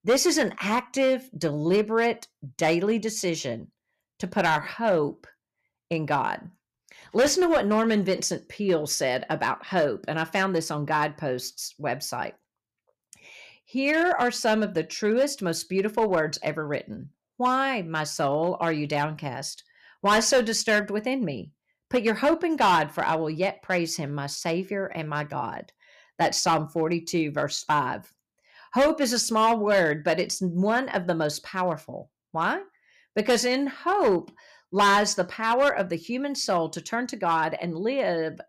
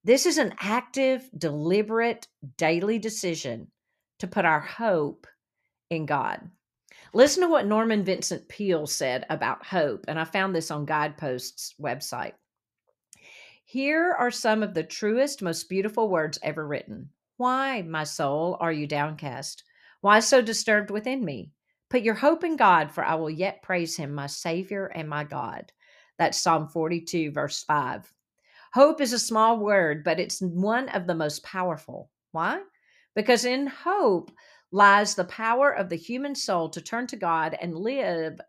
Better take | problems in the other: second | distortion; slight; 3% of the sound clipped

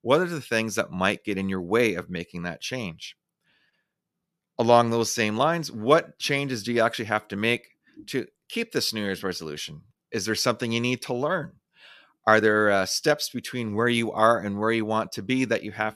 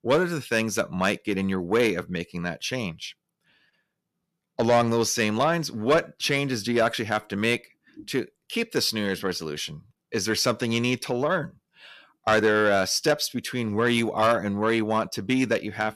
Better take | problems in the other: first | distortion; slight; 10 dB below the speech

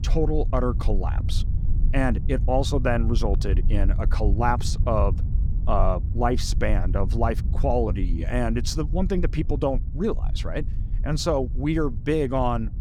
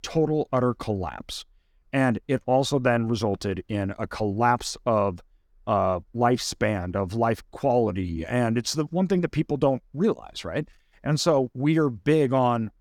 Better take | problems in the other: second | low rumble; noticeable; throughout; 15 dB below the speech

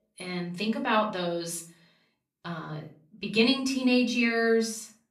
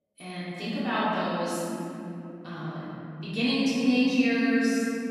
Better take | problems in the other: first | room echo; strong; dies away in 3 s; slight in the first // off-mic speech; far; far in the first

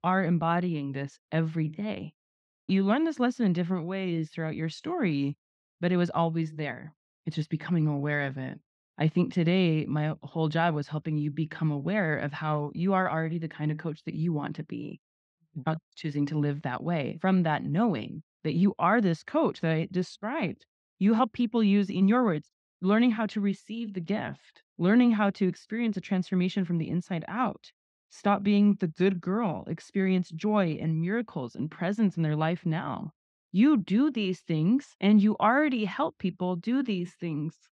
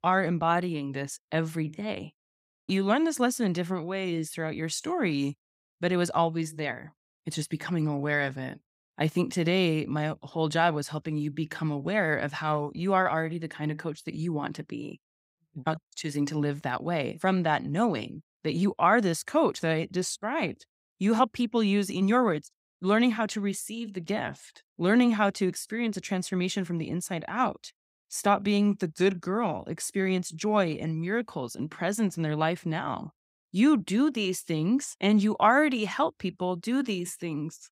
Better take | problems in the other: second | muffled; slightly; fading above 4 kHz

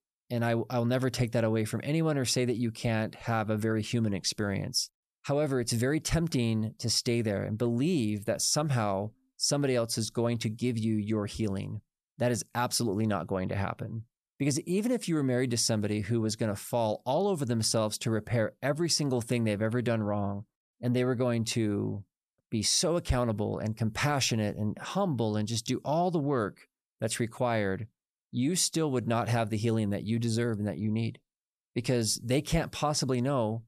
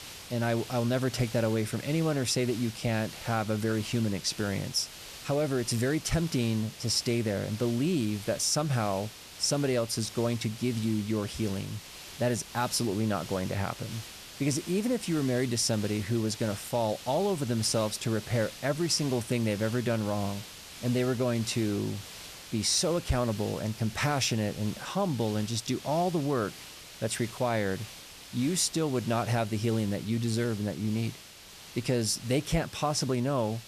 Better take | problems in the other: first | hiss; noticeable; throughout; 15 dB below the speech

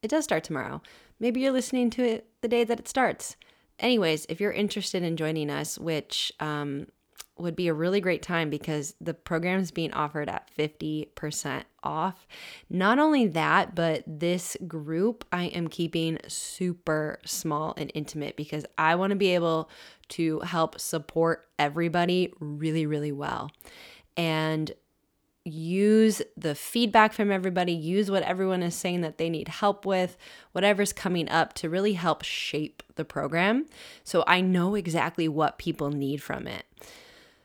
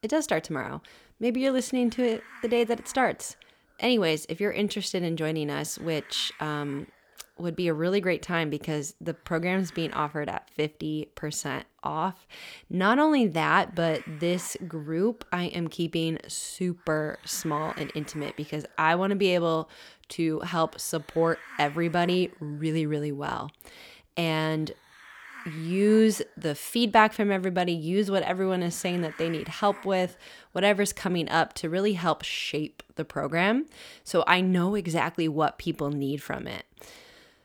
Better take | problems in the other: first | hiss; faint; until 10 s and from 14 to 31 s; 20 dB below the speech

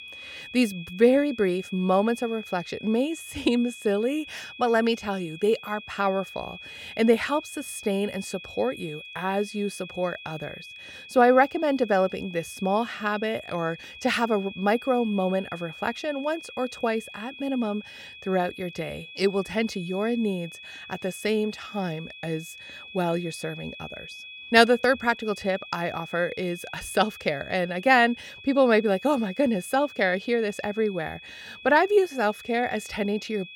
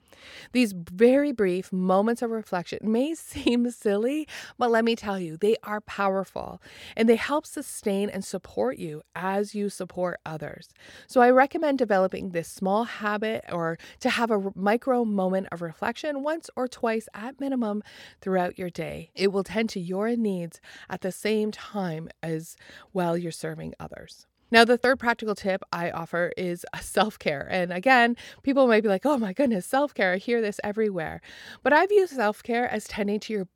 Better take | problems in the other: second | high-pitched whine; noticeable; throughout; 2.5 kHz, 15 dB below the speech

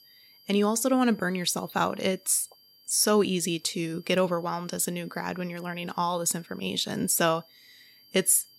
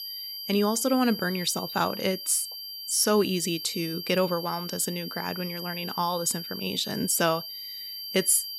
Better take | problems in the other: first | high-pitched whine; loud; throughout; 4.5 kHz, 8 dB below the speech; faint in the first

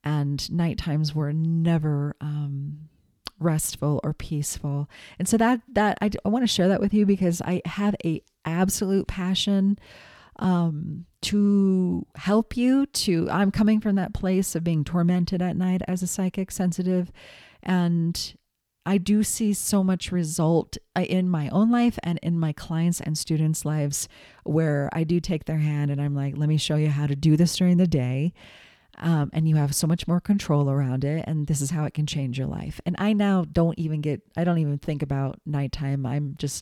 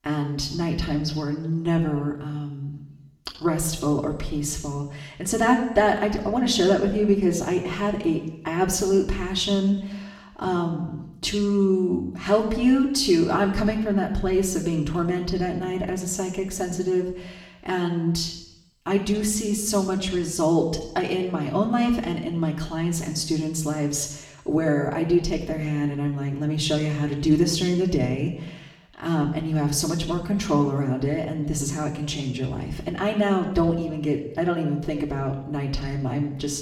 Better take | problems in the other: first | room echo; slight; dies away in 0.8 s // off-mic speech; far

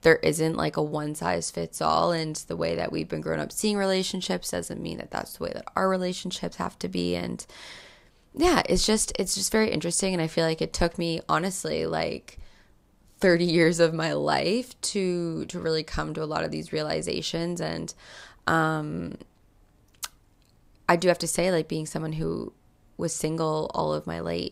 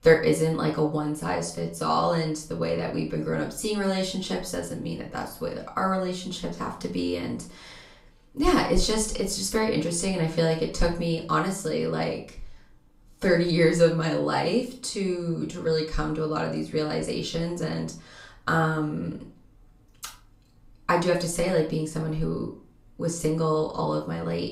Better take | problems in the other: first | off-mic speech; far // room echo; slight; dies away in 0.3 s

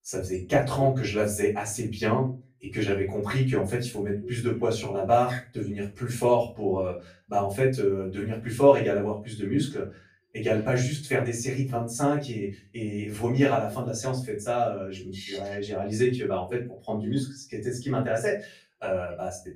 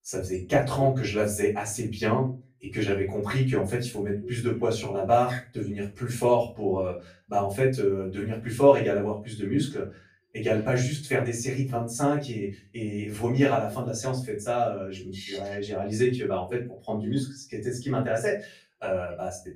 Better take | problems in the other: neither | off-mic speech; far; the same in both // room echo; slight; dies away in 0.3 s; the same in both

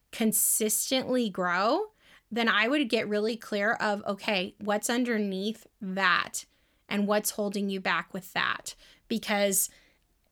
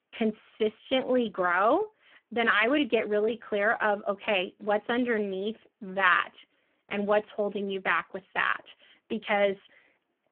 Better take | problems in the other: first | phone-call audio; poor line

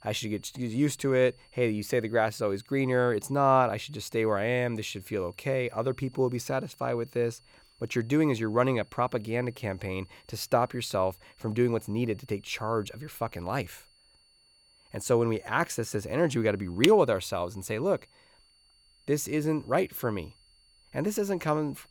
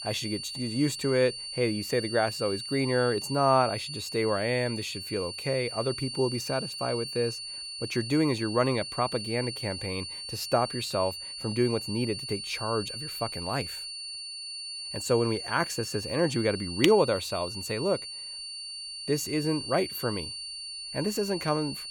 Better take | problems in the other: first | high-pitched whine; loud; throughout; 4.5 kHz, 6 dB below the speech; faint in the first

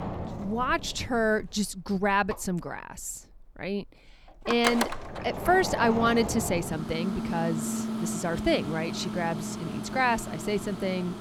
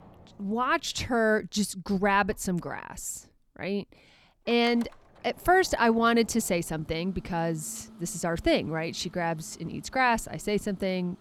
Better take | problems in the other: second | household noises; loud; throughout; 6 dB below the speech; faint in the second

